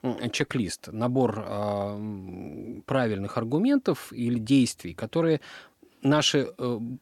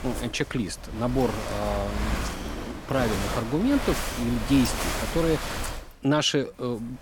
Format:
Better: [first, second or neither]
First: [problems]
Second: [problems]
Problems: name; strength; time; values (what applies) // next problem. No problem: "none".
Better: first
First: none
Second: wind noise on the microphone; heavy; 4 dB below the speech